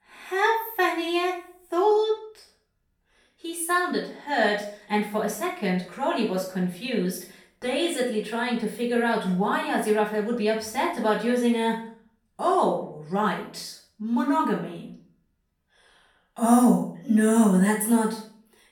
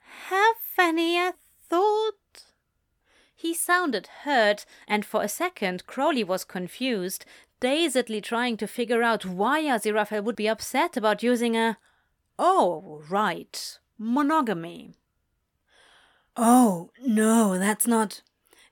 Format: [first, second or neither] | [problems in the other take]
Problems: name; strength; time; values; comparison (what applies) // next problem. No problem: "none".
second | off-mic speech; far // room echo; noticeable; dies away in 0.5 s